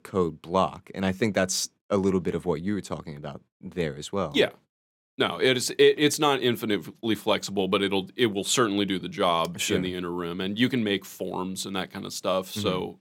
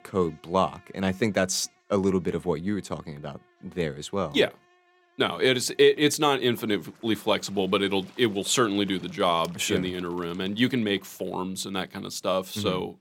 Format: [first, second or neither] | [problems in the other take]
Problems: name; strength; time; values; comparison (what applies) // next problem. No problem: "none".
first | animal sounds; faint; throughout; 30 dB below the speech